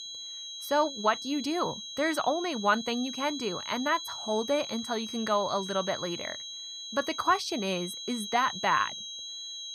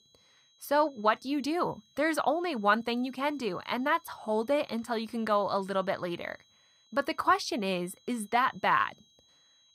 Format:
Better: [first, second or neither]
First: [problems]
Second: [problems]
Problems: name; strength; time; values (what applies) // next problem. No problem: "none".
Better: second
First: high-pitched whine; loud; throughout; 4 kHz, 7 dB below the speech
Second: high-pitched whine; faint; throughout; 4 kHz, 30 dB below the speech